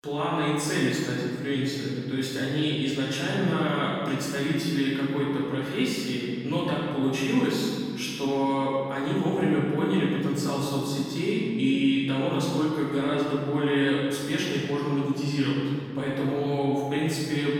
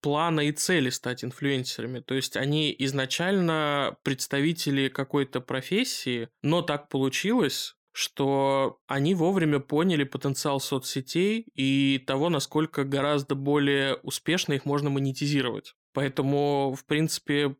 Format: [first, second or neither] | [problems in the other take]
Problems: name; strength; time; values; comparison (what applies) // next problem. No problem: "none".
second | room echo; strong; dies away in 2.4 s // off-mic speech; far